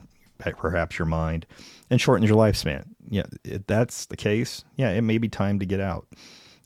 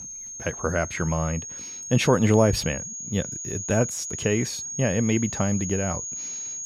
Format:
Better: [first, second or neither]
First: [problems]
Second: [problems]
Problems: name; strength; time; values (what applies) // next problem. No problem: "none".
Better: first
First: none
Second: high-pitched whine; loud; throughout; 6.5 kHz, 7 dB below the speech